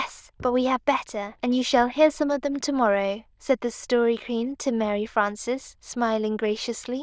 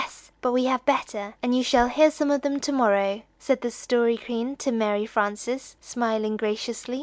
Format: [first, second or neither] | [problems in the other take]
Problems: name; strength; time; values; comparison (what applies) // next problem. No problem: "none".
second | noise reduction (neural diffusion model UNIVERSE++)